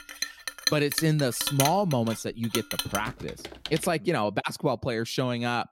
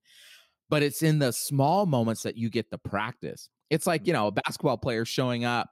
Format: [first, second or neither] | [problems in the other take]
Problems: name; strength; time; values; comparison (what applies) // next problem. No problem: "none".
second | household noises; loud; until 4 s; 4 dB below the speech